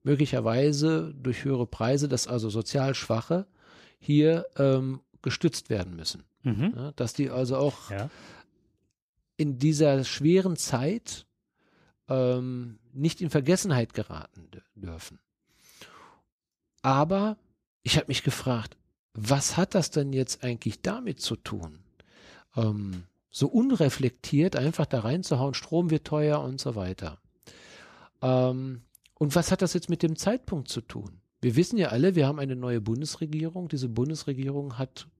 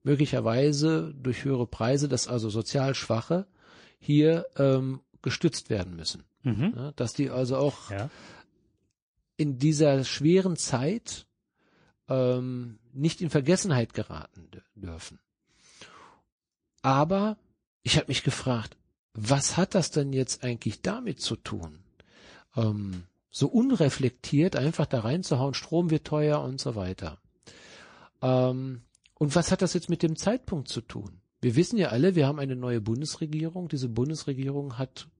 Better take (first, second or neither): first